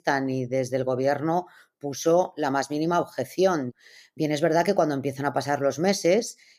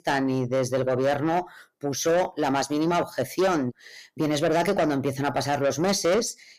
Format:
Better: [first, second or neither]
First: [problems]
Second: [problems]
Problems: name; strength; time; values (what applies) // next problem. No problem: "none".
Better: first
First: none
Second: distortion; heavy; 8 dB below the speech